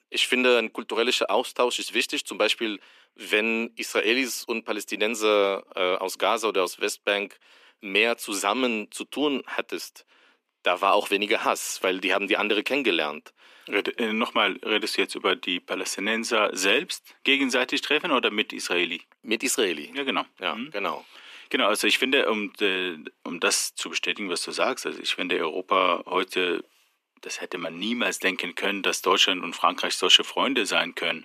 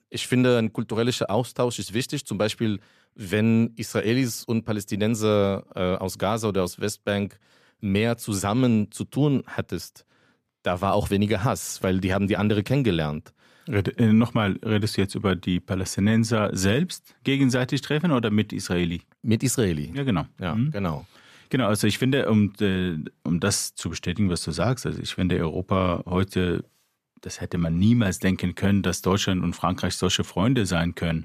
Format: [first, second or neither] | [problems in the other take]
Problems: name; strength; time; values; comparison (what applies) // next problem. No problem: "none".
second | thin; somewhat; fading below 300 Hz